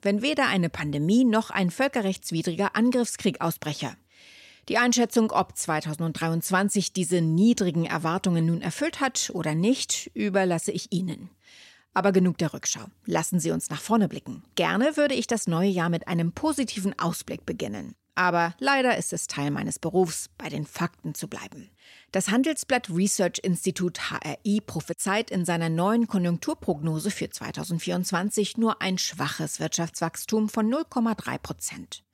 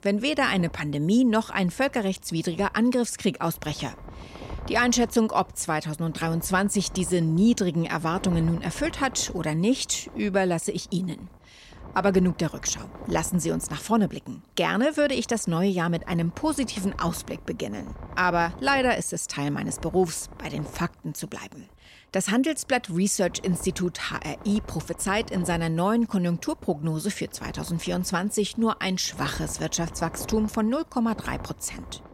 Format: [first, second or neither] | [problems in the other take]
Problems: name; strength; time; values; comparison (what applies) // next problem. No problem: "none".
first | wind noise on the microphone; occasional gusts; 20 dB below the speech